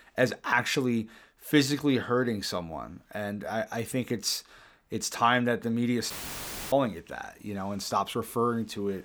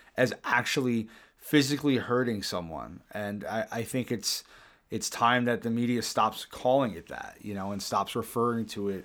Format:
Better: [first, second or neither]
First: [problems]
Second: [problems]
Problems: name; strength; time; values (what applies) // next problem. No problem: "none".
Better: second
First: audio cutting out; filled with static; at 6 s for 0.5 s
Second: none